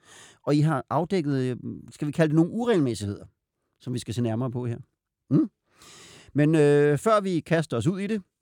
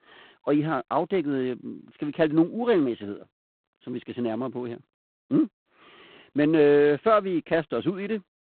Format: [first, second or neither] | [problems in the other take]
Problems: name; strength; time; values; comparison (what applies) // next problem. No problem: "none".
first | phone-call audio; poor line; nothing above 4 kHz